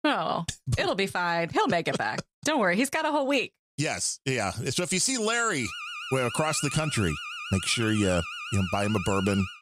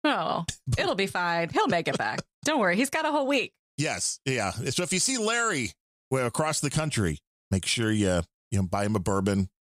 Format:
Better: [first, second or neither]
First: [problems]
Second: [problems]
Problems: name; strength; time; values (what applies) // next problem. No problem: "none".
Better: second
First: alarm; noticeable; from 5.5 s on; peak 7 dB below the speech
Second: none